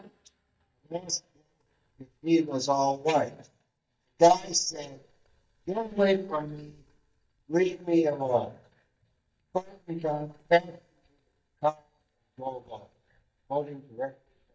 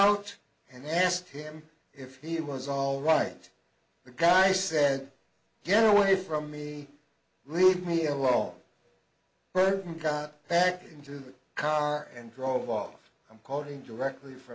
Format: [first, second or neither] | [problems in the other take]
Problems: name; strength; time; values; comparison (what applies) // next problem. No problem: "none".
second | noise reduction (neural mask model DeepFilterNet 3)